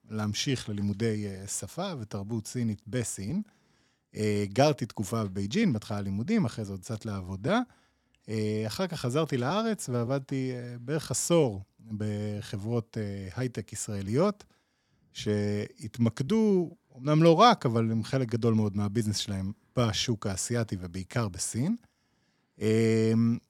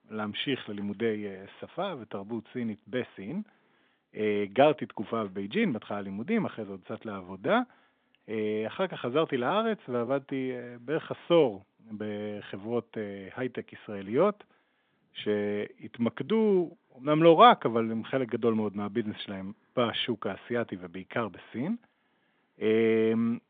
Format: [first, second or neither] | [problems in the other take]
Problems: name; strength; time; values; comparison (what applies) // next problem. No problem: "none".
first | phone-call audio; nothing above 3.5 kHz